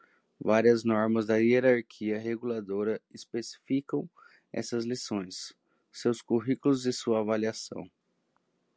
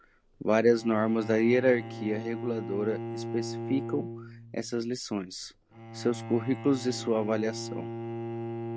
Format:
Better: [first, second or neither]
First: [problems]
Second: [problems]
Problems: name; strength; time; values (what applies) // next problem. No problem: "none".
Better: first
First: none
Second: background sound (Bowed string instrument); 9 dB below the speech